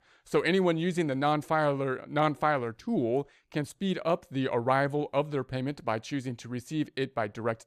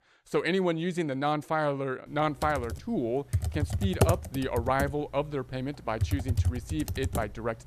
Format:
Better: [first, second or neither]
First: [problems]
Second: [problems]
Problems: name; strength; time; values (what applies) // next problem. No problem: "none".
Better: first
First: none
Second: keyboard typing; loud; from 2.5 s on; peak 4 dB above the speech